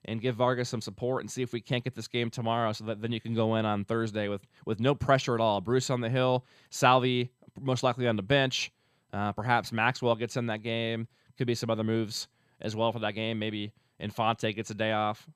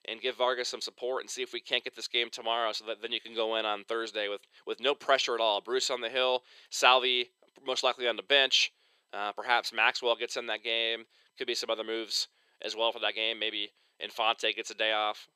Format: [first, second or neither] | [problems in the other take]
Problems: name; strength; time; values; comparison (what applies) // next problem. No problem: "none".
first | thin; very; fading below 400 Hz